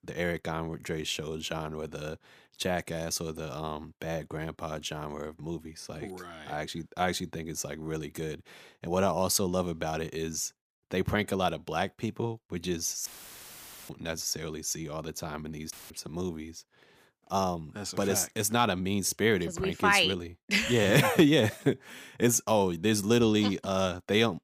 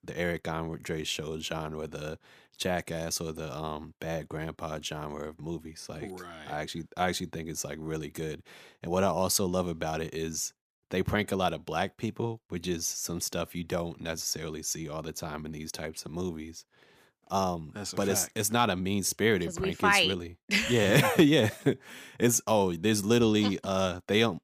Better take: second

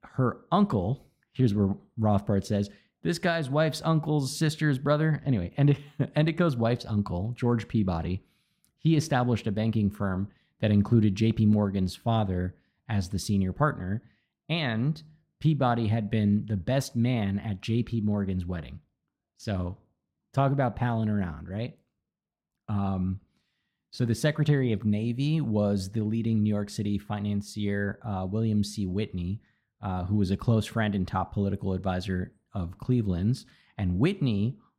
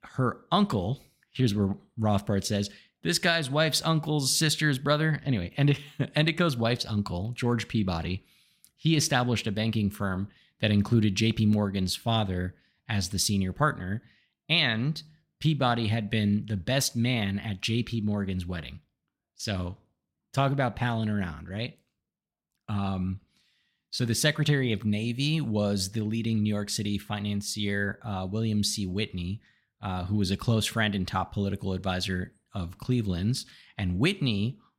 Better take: second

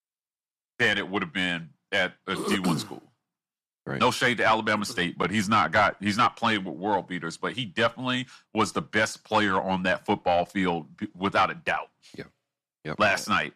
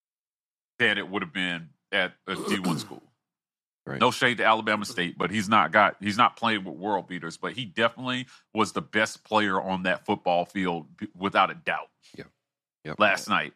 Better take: second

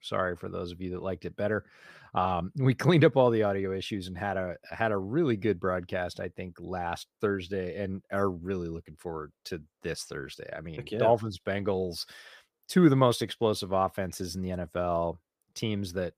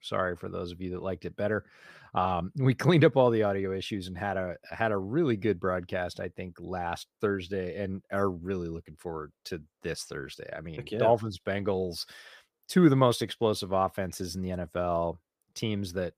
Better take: neither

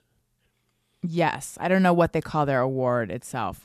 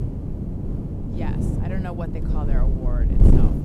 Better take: first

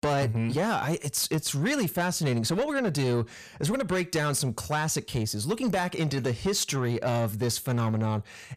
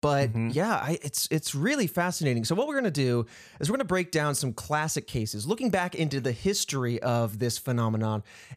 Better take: second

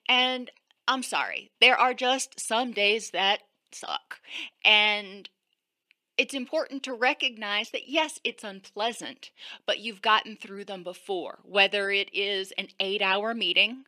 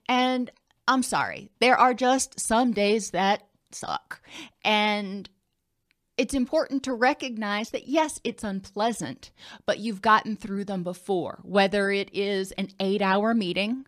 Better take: second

